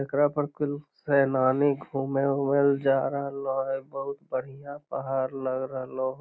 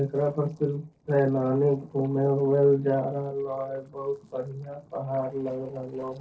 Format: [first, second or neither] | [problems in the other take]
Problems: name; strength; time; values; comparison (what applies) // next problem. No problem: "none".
first | noise reduction (neural separator model SepFormer DNS4)